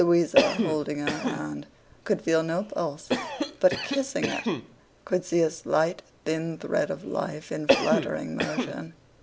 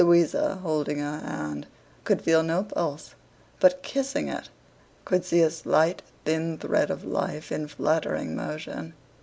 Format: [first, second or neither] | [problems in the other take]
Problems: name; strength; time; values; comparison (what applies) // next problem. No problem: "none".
second | background sound (Cough); 3 dB below the speech